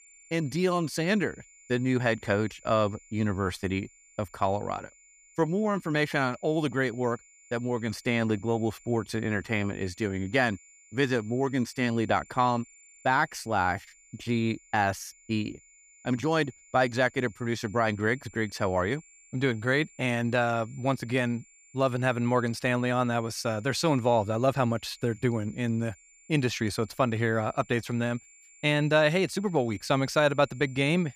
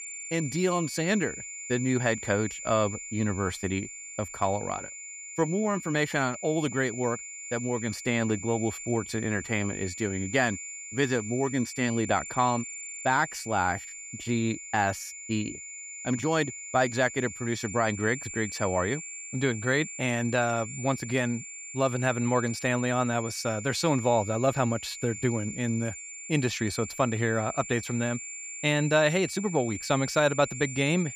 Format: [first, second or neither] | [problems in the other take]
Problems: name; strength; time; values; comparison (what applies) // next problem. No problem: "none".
first | high-pitched whine; loud; throughout; 7 kHz, 9 dB below the speech; faint in the first